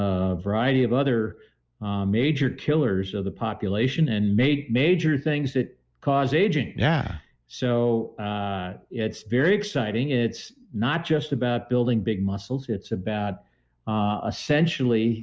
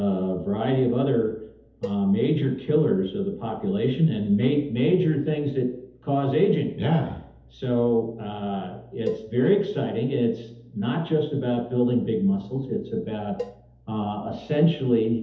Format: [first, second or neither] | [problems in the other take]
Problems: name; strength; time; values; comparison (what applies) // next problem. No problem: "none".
first | background sound (Cowbell); 17 dB below the speech // room echo; dies away in 0.8 s